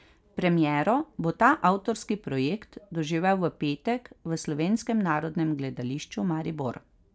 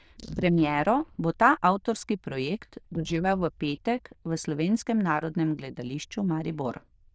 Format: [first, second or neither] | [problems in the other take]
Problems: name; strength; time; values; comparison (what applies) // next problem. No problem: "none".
first | noise reduction (neural diffusion model UNIVERSE++)